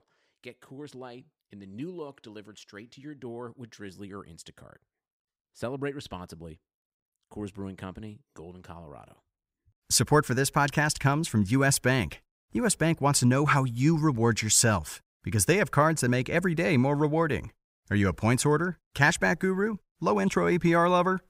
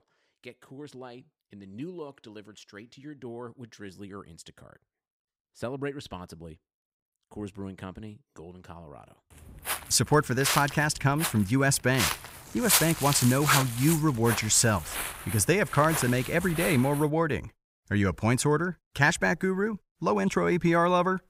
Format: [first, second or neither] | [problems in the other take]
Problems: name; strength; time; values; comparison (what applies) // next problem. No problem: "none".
first | footsteps; loud; from 9.5 to 17 s; peak 2 dB above the speech